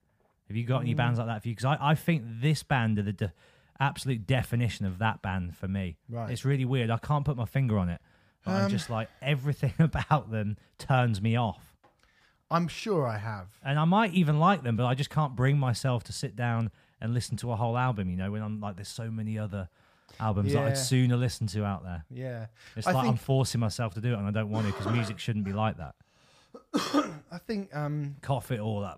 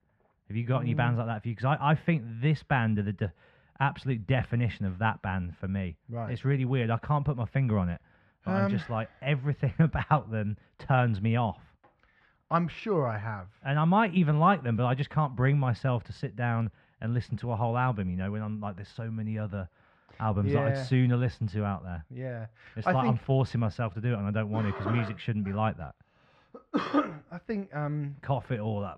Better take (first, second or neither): first